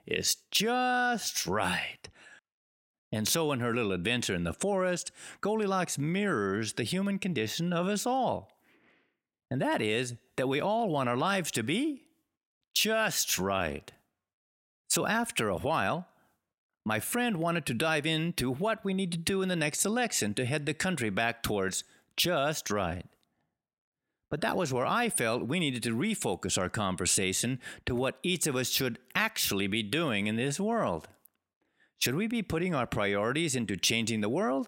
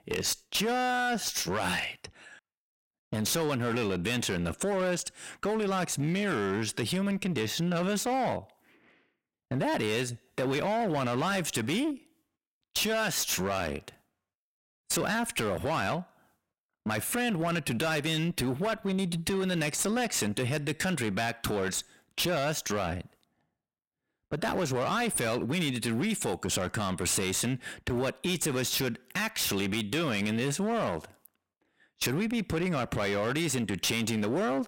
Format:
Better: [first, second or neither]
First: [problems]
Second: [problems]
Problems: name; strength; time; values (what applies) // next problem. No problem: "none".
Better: first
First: none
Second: distortion; slight; 18% of the sound clipped